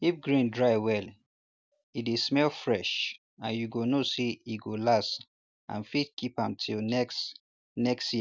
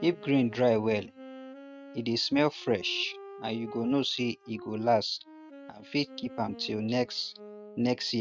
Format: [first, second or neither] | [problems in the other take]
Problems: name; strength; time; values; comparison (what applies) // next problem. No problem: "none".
first | noise reduction (neural mask model RNNoise)